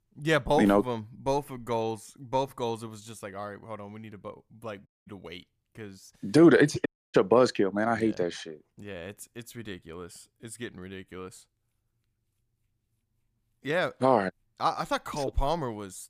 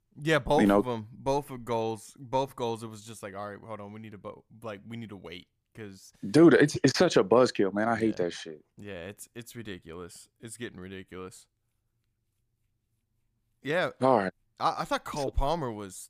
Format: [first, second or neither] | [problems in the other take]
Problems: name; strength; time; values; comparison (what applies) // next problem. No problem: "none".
second | audio cutting out; at 5 s and at 7 s